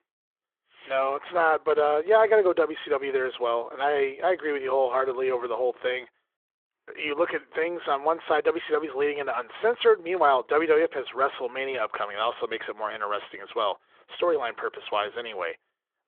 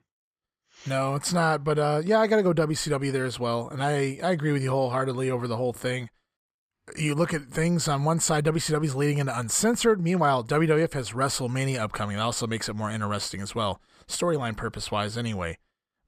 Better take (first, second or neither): second